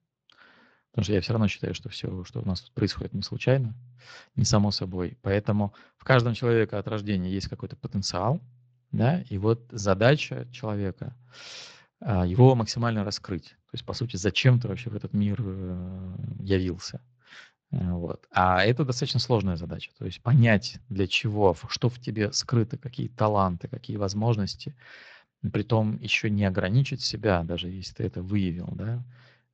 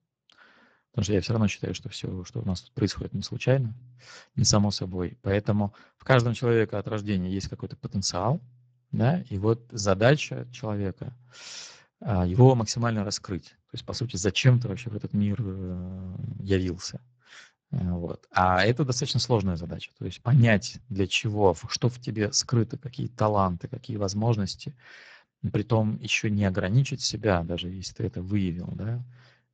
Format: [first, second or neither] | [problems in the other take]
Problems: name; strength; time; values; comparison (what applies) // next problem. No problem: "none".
first | garbled, watery; badly; slightly in the first